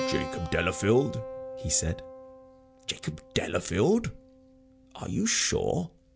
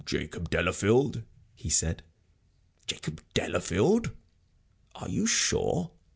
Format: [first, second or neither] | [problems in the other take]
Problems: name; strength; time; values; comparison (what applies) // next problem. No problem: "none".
second | background sound (Keyboard (musical)); 12 dB below the speech